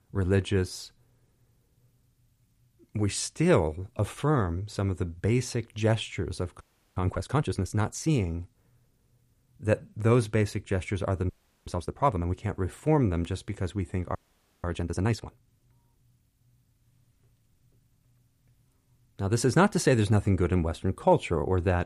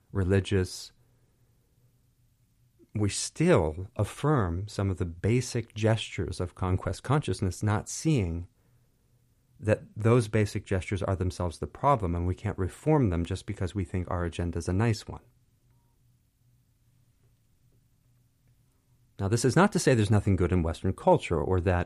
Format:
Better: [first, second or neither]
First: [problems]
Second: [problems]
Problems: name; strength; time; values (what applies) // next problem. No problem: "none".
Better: second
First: audio freezing; at 6.5 s, at 11 s and at 14 s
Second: none